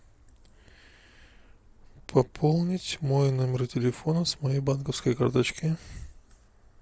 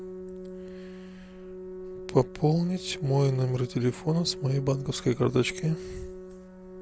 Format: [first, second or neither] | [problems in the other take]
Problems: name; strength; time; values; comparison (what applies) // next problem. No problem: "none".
first | background sound (Organ); 13 dB below the speech